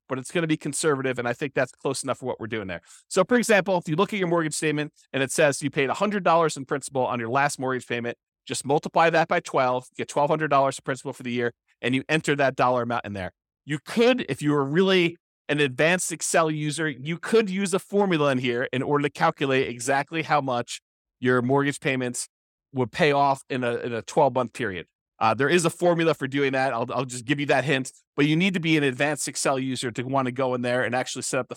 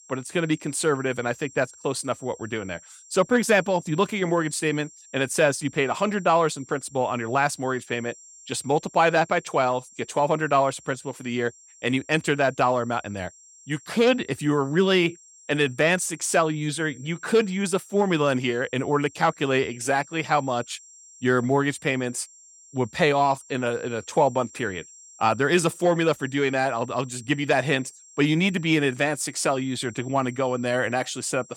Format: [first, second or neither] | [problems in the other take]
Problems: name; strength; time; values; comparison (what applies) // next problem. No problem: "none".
first | high-pitched whine; faint; throughout; 7.5 kHz, 25 dB below the speech